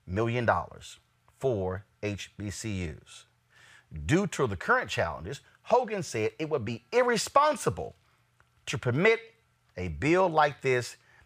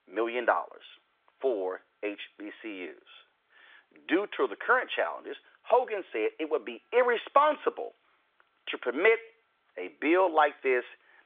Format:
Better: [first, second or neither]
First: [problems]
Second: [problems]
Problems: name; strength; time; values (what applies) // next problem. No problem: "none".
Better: first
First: none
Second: phone-call audio; nothing above 3.5 kHz